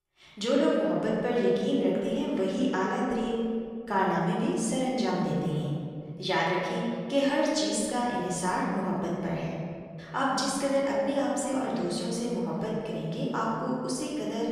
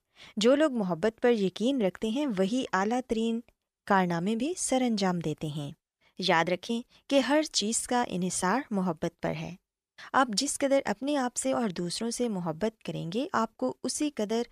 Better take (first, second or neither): second